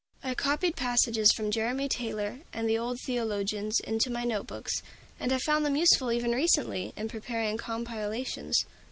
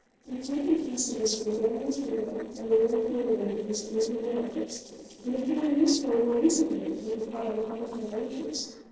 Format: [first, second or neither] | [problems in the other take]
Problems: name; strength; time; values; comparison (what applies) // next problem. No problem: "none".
first | noise reduction (neural separator model SepFormer DNS4)